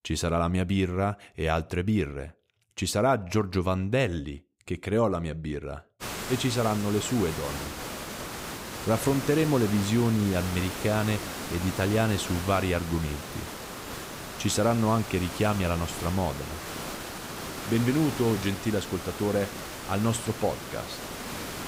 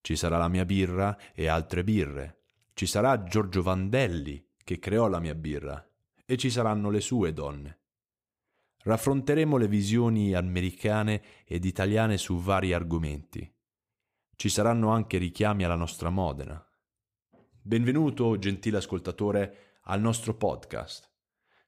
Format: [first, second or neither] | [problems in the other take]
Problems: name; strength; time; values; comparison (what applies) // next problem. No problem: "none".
second | hiss; loud; from 6 s on; 8 dB below the speech